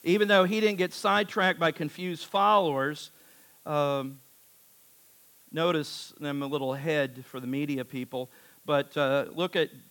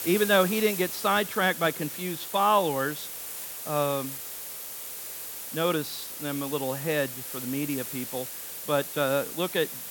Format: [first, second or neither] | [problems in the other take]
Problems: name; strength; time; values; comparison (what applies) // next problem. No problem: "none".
first | hiss; loud; throughout; 7 dB below the speech; faint in the first